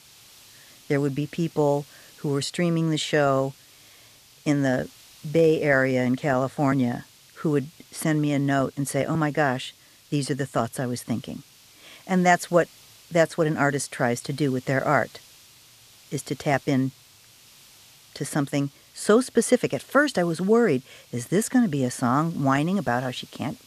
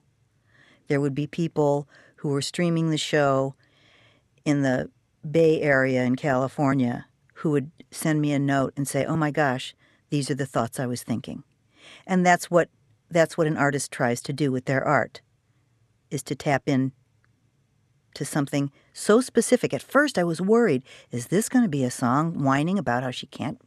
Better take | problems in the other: second | hiss; faint; throughout; 25 dB below the speech

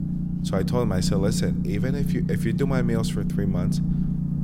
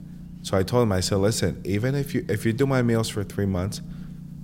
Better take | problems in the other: second | low rumble; loud; throughout; 3 dB below the speech; faint in the second

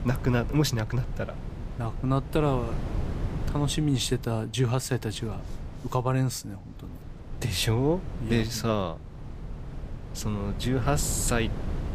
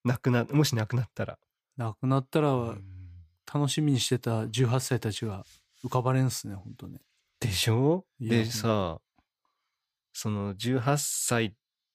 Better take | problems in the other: second | wind noise on the microphone; occasional gusts; 15 dB below the speech

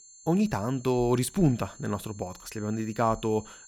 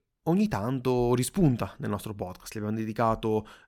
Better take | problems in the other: second | high-pitched whine; faint; throughout; 7 kHz, 20 dB below the speech

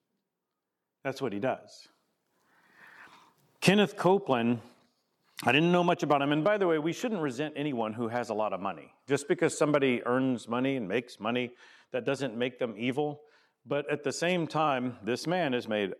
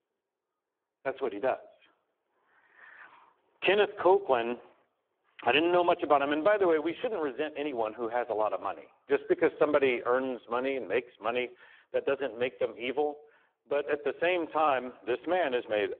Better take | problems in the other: first | phone-call audio; poor line

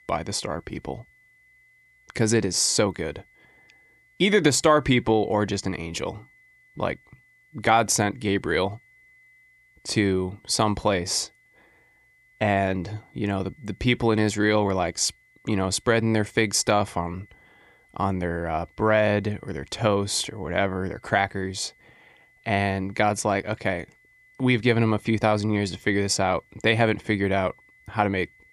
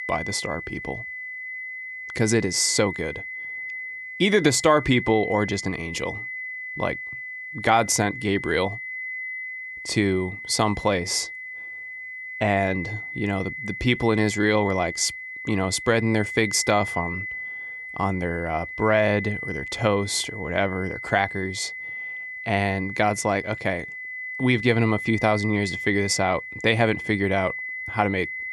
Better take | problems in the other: first | high-pitched whine; loud; throughout; 2 kHz, 8 dB below the speech; faint in the first

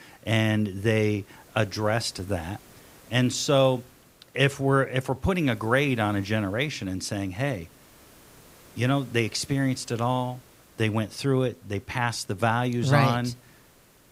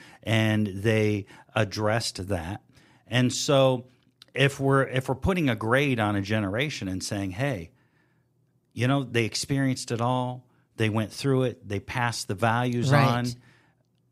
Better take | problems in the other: second | hiss; faint; throughout; 25 dB below the speech

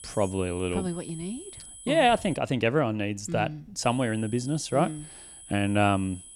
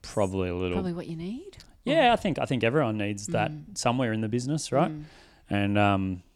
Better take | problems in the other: second | high-pitched whine; noticeable; until 2.5 s and from 4 s on; 10.5 kHz, 15 dB below the speech

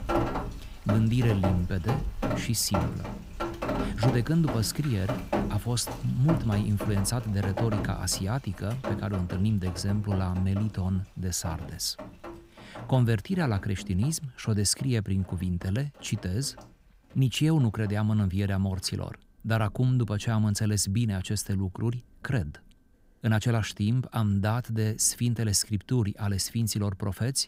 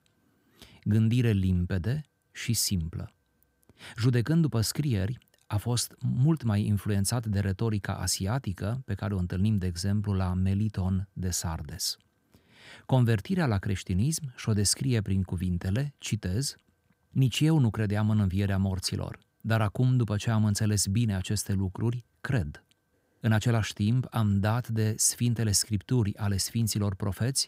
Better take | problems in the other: second | rain or running water; loud; throughout; 7 dB below the speech

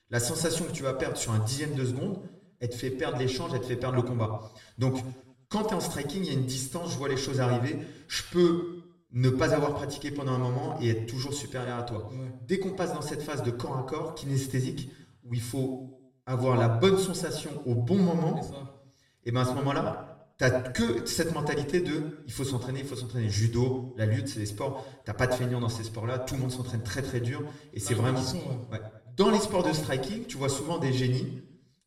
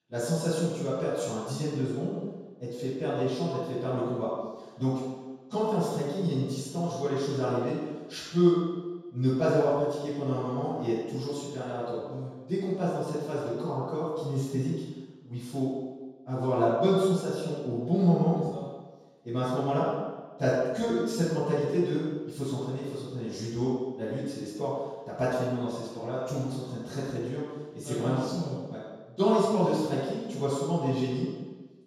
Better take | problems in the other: first | room echo; strong; dies away in 1.2 s; slight in the first // off-mic speech; far; far in the first

